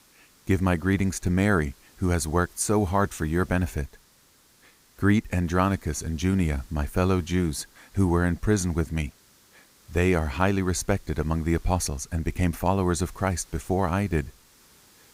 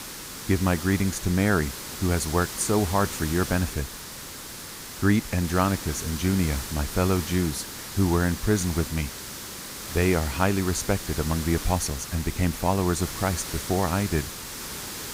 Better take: first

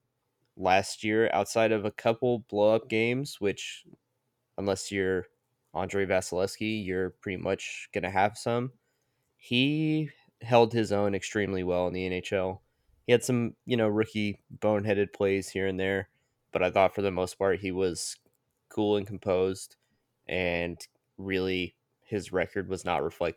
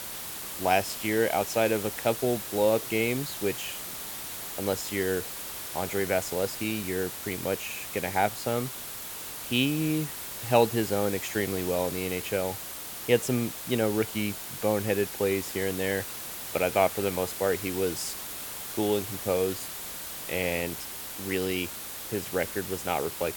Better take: first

